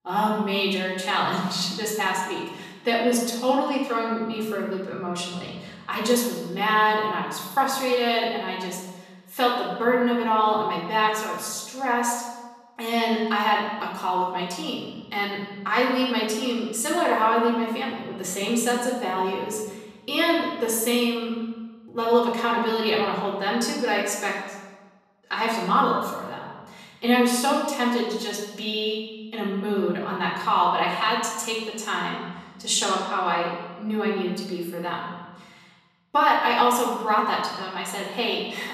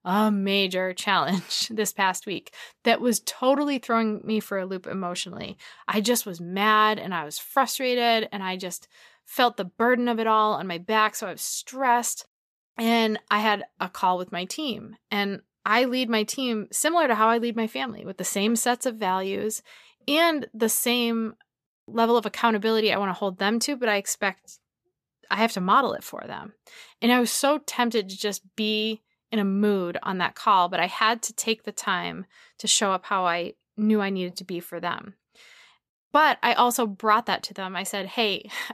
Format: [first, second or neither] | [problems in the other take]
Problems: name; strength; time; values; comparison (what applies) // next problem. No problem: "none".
second | room echo; noticeable; dies away in 1.1 s // off-mic speech; far